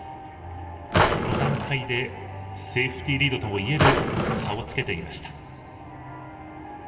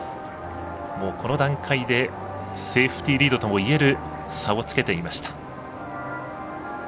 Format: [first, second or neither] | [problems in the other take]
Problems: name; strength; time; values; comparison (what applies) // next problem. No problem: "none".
second | background sound (Drawer open or close); 5 dB above the speech // room echo; dies away in 1.9 s